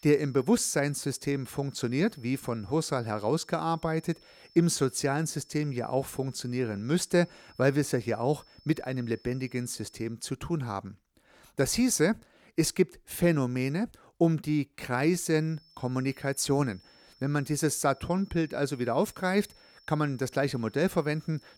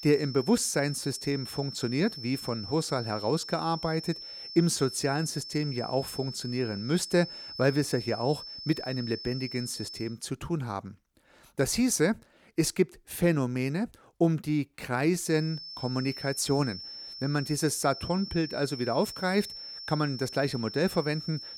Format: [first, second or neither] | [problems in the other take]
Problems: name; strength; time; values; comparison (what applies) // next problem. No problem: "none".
first | high-pitched whine; loud; until 10 s and from 15 s on; 5.5 kHz, 10 dB below the speech; faint in the first